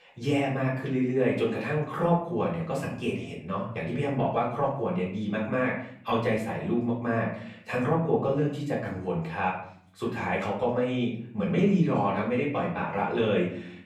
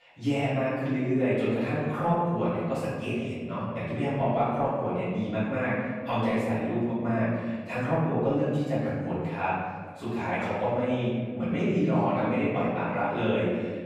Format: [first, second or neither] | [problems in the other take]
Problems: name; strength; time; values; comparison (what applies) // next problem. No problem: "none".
first | room echo; strong; dies away in 1.9 s; slight in the first // off-mic speech; far; far in the first